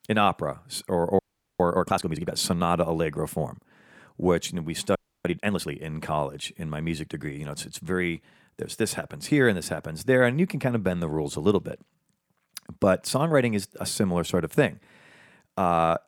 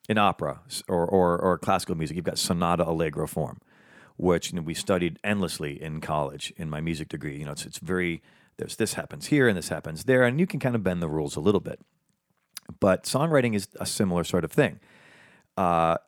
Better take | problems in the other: second | audio freezing; at 1 s and at 5 s

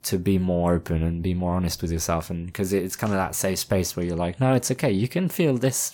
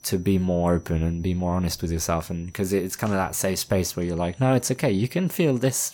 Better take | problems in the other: first | high-pitched whine; faint; throughout; 6 kHz, 30 dB below the speech

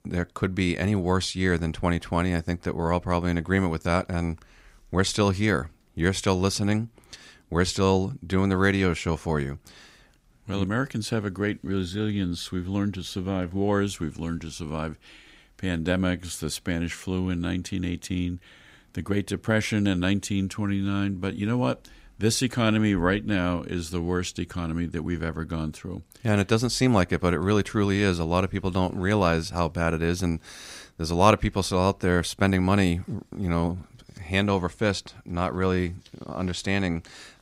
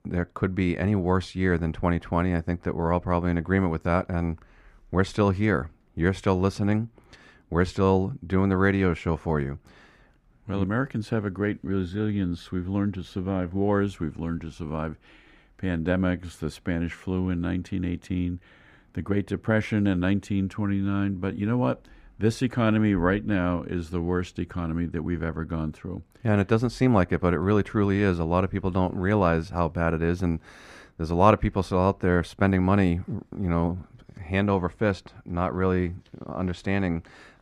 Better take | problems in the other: first | muffled; slightly; fading above 3 kHz

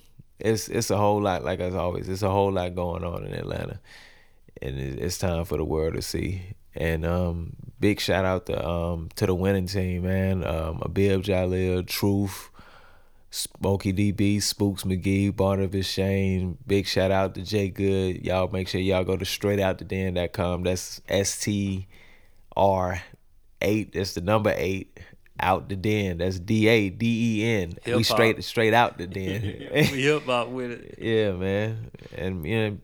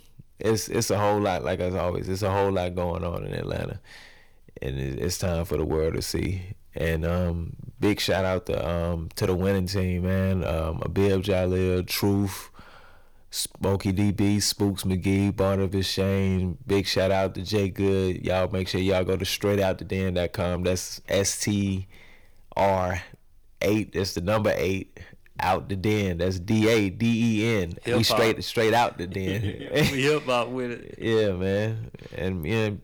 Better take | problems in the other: first | distortion; slight; 4% of the sound clipped

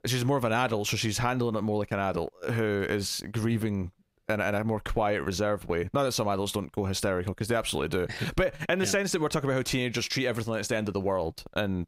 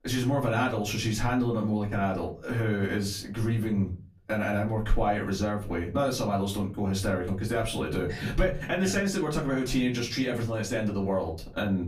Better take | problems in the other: first | off-mic speech; far // room echo; very slight; dies away in 0.4 s

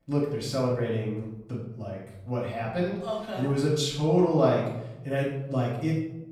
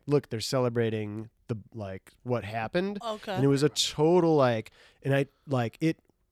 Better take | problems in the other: second | off-mic speech; far // room echo; noticeable; dies away in 0.8 s

